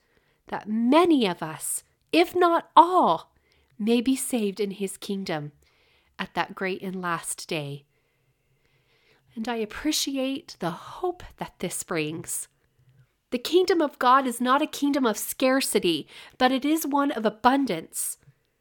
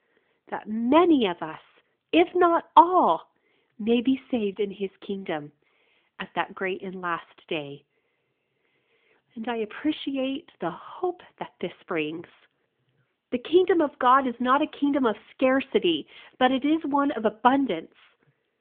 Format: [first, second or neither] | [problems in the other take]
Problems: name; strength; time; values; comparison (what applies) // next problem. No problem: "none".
first | phone-call audio; nothing above 3.5 kHz